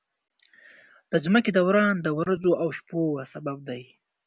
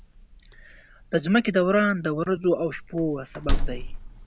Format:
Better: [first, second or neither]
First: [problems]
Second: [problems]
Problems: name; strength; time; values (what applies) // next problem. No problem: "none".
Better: first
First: none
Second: background sound (Slam); 4 dB below the speech